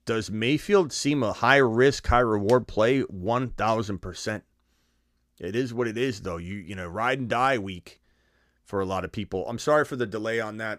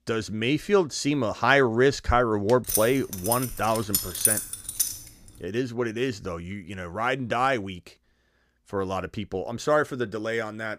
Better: first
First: none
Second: jangling keys; loud; from 2.5 to 5 s; peak 4 dB above the speech

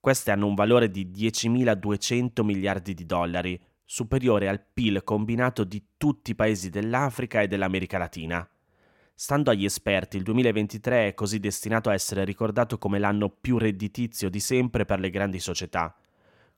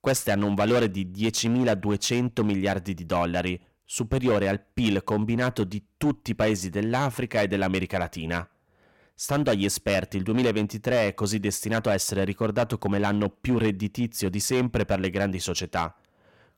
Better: first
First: none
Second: distortion; slight; 8% of the sound clipped

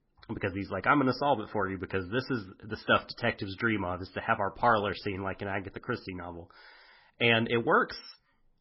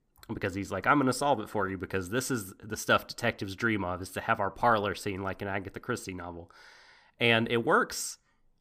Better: second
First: garbled, watery; badly; nothing above 5.5 kHz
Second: none

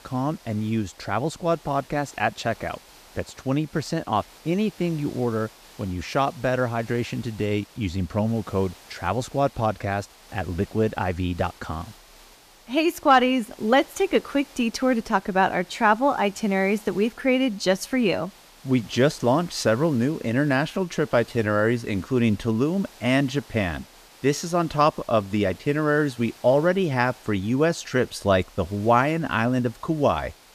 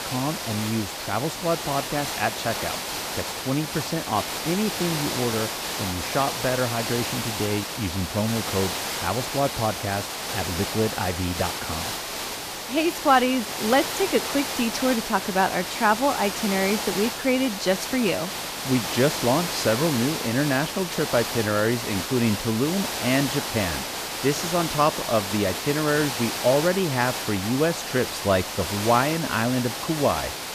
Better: first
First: hiss; faint; throughout; 25 dB below the speech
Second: hiss; loud; throughout; 3 dB below the speech

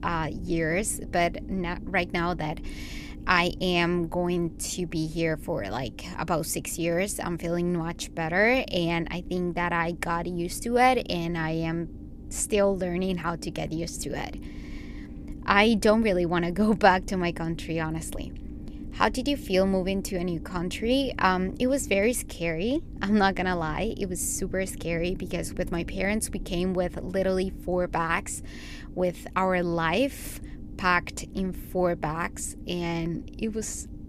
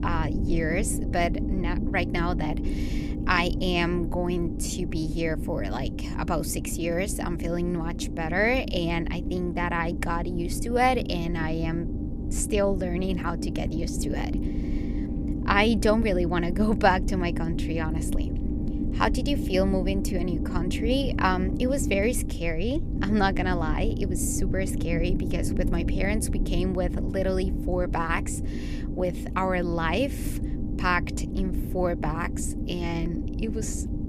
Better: first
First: low rumble; faint; throughout; 20 dB below the speech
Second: low rumble; loud; throughout; 10 dB below the speech

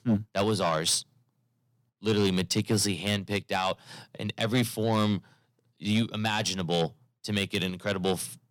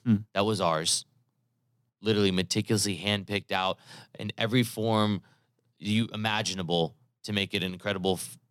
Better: second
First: distortion; slight; 10 dB below the speech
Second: none

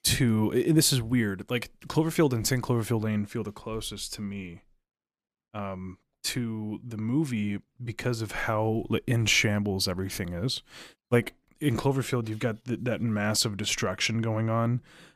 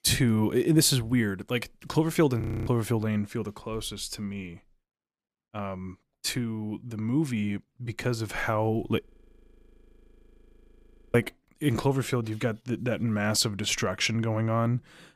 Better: first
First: none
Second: audio freezing; at 2.5 s and at 9 s for 2 s

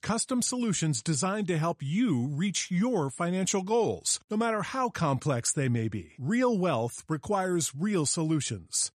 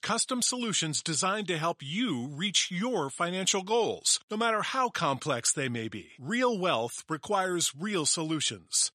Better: first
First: none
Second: thin; very slightly; fading below 800 Hz

